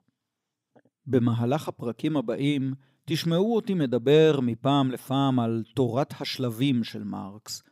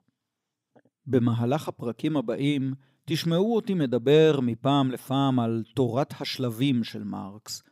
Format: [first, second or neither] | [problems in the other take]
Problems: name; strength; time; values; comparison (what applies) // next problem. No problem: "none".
neither | none